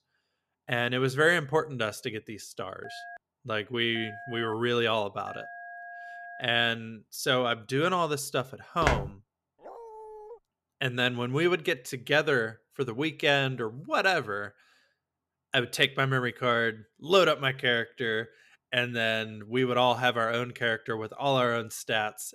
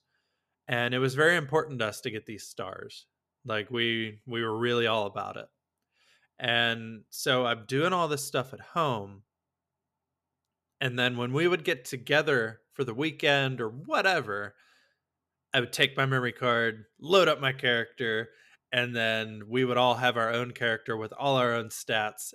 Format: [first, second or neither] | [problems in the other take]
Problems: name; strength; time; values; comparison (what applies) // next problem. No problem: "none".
second | phone ringing; faint; from 3 to 6.5 s; peak 15 dB below the speech // footsteps; noticeable; at 9 s; peak 2 dB below the speech // dog barking; faint; at 9.5 s; peak 20 dB below the speech